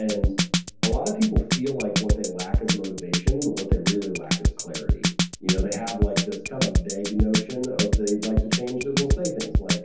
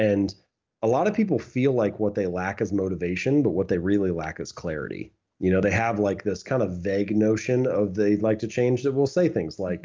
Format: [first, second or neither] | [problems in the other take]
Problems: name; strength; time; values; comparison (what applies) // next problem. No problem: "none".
second | background sound (Drum kit); 3 dB above the speech // room echo; dies away in 0.6 s